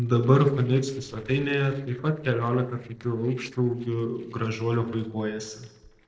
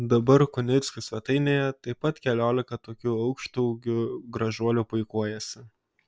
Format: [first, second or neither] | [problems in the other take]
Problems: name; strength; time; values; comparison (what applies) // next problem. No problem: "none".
second | noise reduction (neural separator model SepFormer DNS4)